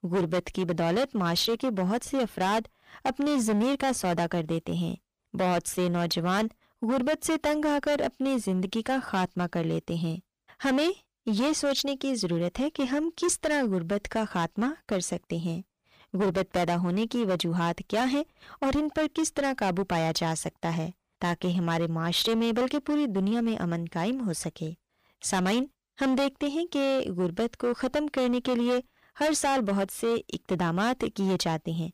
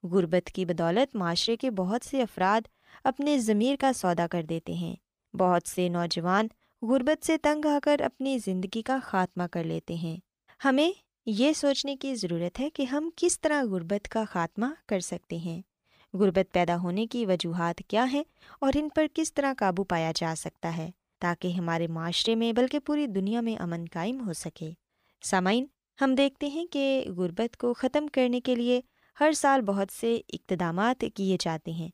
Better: second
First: distortion; heavy; 14% of the sound clipped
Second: none

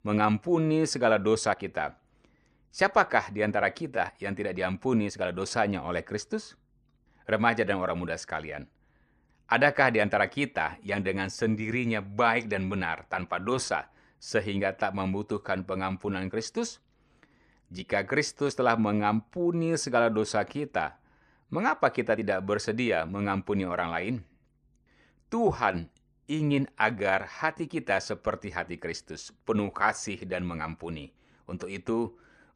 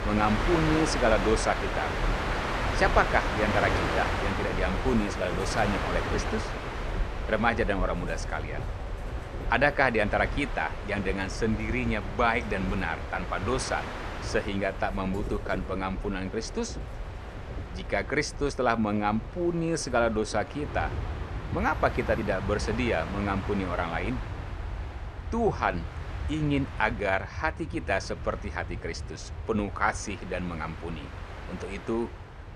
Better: first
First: none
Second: train or aircraft noise; loud; throughout; 5 dB below the speech

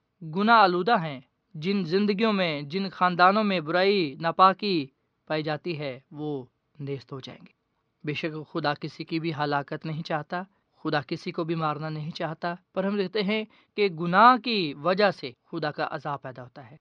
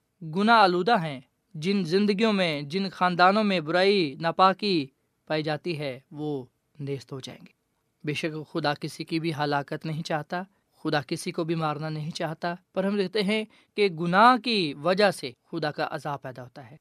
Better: second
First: muffled; very slightly; fading above 4.5 kHz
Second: none

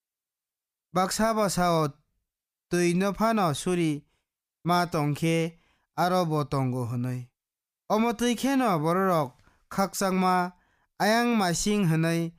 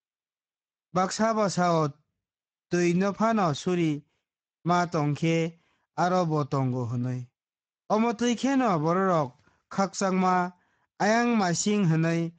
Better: first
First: none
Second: garbled, watery; badly; nothing above 7.5 kHz

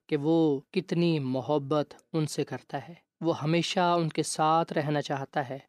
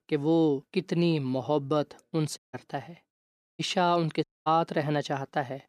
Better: first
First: none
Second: audio cutting out; at 2.5 s, at 3 s and at 4 s

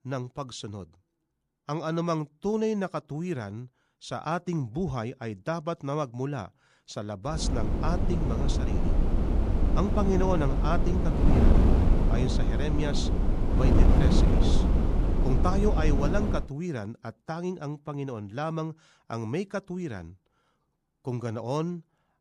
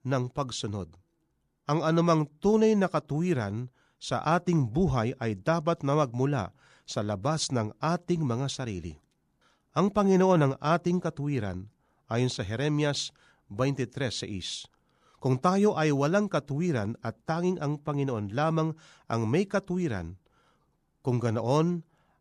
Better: second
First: wind noise on the microphone; heavy; from 7.5 to 16 s; 1 dB below the speech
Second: none

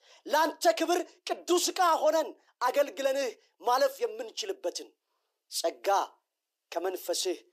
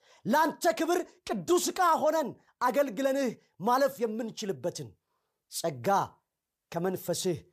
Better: second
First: thin; somewhat; fading below 300 Hz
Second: none

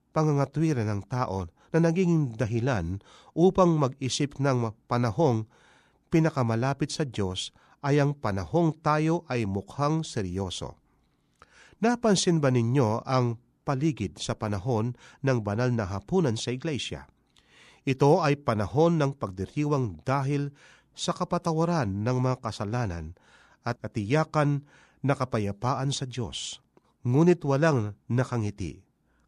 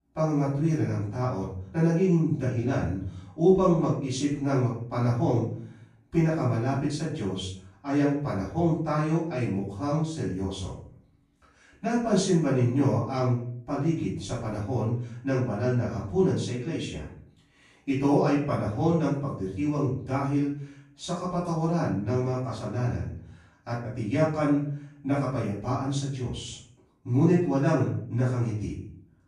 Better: first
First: none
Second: off-mic speech; far // room echo; noticeable; dies away in 0.5 s

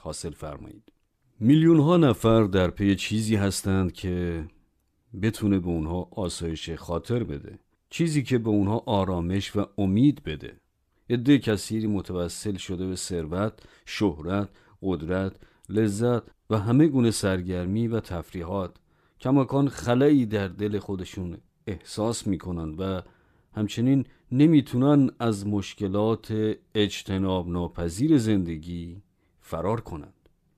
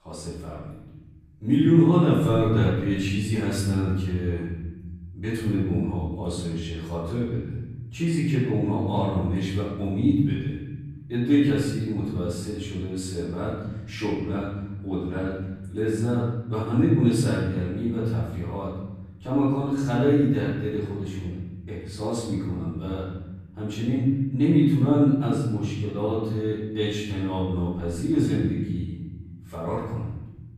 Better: first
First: none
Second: off-mic speech; far // room echo; noticeable; dies away in 1.5 s

